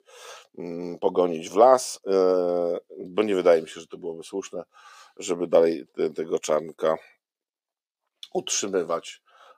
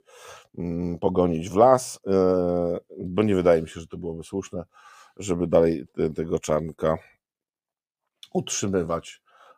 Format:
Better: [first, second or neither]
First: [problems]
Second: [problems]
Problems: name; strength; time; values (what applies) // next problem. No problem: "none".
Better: second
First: thin; somewhat; fading below 350 Hz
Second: none